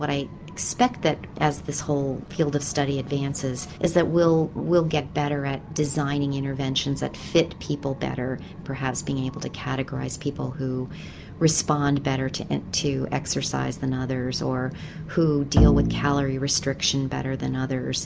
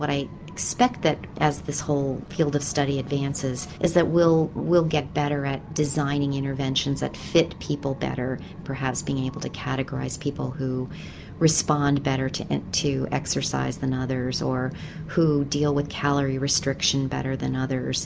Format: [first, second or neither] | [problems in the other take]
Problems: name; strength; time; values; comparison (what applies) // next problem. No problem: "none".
second | background sound (Bowed string instrument); 2 dB above the speech